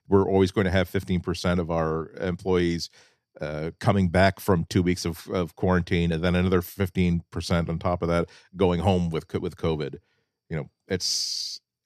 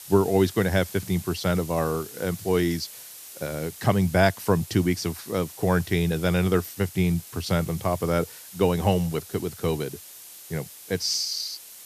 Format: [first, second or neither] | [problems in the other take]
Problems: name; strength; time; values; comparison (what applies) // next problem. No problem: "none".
first | hiss; noticeable; throughout; 15 dB below the speech